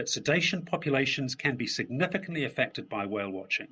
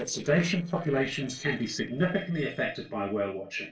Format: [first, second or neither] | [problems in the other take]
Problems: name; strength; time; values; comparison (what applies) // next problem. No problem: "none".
first | noise reduction (neural separator model SepFormer DNS4)